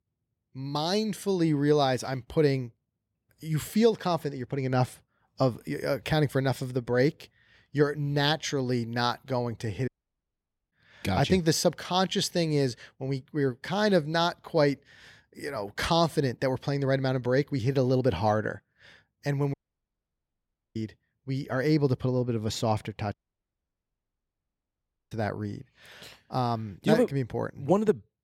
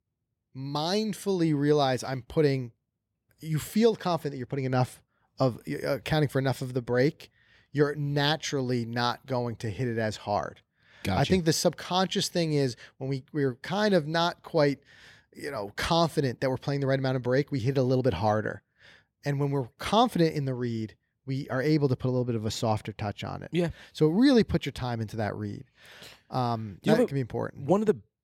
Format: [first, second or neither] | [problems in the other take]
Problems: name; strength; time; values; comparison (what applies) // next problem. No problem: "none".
second | audio cutting out; at 10 s for 1 s, at 20 s for 1 s and at 23 s for 2 s